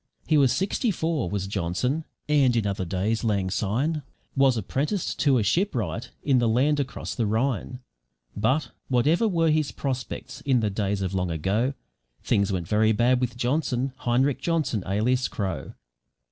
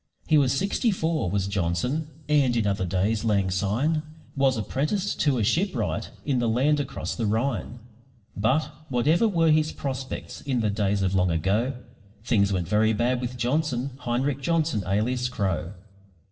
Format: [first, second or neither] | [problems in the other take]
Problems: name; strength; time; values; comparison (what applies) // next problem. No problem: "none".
first | room echo; dies away in 0.7 s